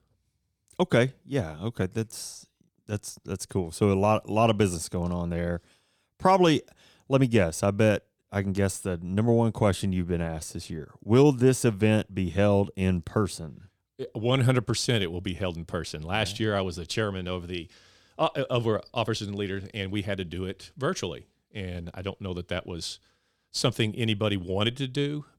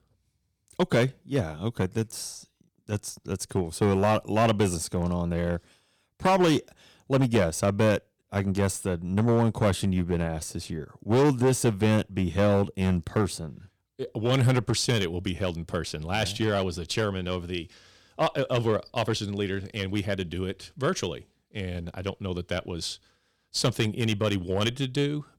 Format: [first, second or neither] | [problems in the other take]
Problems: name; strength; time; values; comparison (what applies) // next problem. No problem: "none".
first | distortion; slight; 4% of the sound clipped